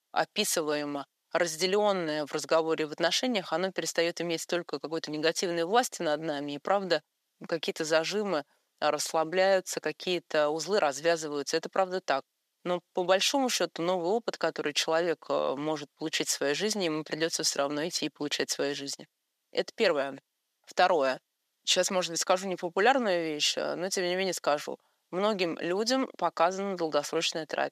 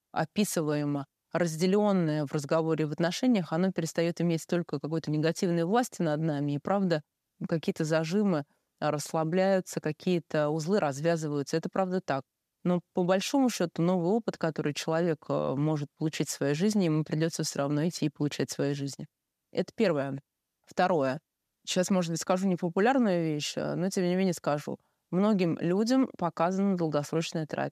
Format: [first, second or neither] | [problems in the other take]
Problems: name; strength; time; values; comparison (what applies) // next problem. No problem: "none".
second | thin; somewhat; fading below 450 Hz